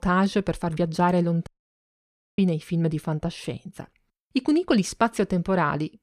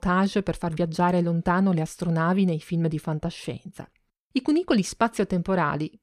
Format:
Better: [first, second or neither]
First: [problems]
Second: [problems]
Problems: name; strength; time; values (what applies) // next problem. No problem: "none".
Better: second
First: audio cutting out; at 1.5 s for 1 s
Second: none